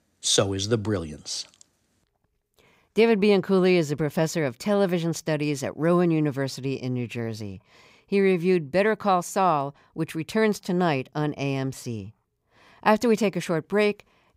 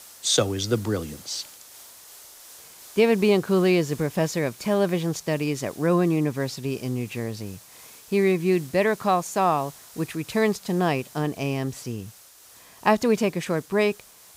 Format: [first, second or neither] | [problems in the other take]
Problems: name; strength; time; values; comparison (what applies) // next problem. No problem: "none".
first | hiss; faint; throughout; 20 dB below the speech